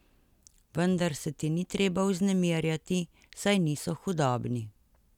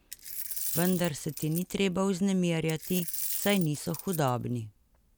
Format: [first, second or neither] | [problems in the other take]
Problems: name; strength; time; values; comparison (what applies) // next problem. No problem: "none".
first | background sound (Coin (dropping)); 8 dB below the speech